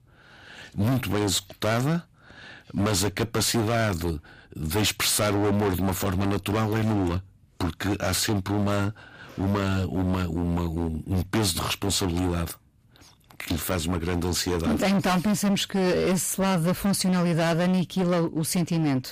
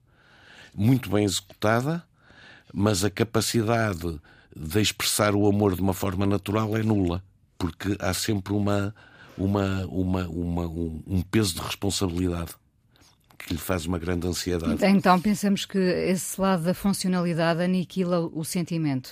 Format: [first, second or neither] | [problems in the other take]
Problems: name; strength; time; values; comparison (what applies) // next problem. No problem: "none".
second | distortion; heavy; 18% of the sound clipped